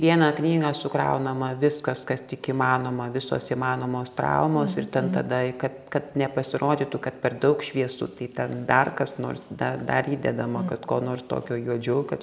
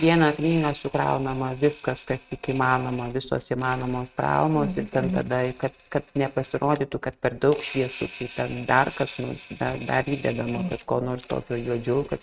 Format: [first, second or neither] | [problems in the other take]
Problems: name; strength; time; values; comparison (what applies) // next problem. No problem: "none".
first | noise reduction (neural mask model RNNoise)